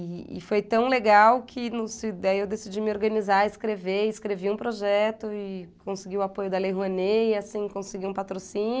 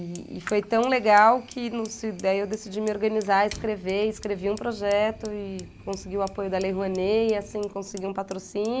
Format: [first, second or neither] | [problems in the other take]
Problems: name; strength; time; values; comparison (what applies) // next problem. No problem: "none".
first | background sound (Fire); 20 dB below the speech